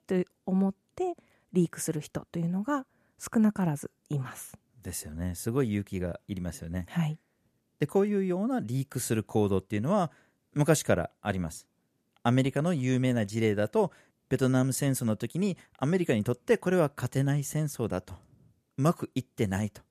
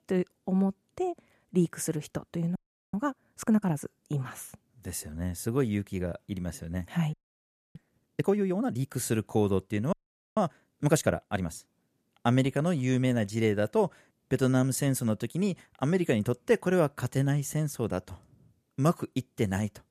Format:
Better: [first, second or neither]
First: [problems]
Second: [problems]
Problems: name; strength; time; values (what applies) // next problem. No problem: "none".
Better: first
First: none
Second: audio freezing; at 2.5 s, at 7 s for 0.5 s and at 10 s